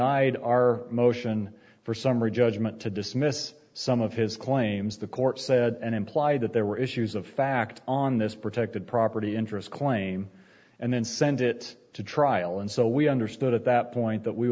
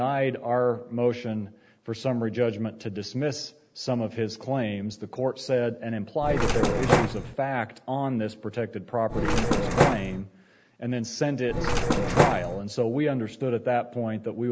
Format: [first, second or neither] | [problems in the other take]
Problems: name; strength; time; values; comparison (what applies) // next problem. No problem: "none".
first | background sound (Mechanisms); 4 dB above the speech